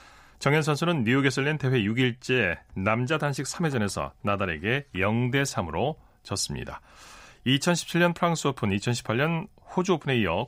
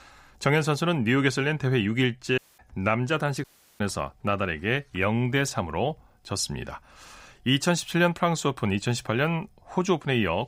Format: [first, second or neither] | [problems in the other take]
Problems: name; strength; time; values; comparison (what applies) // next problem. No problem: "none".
first | audio cutting out; at 2.5 s and at 3.5 s